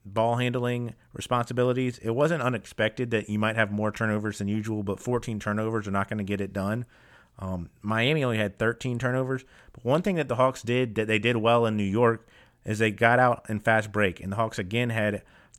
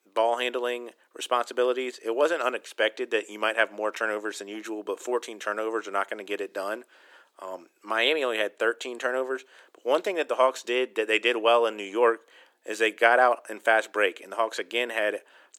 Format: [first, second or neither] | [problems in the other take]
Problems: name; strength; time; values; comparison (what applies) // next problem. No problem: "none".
first | thin; very; fading below 350 Hz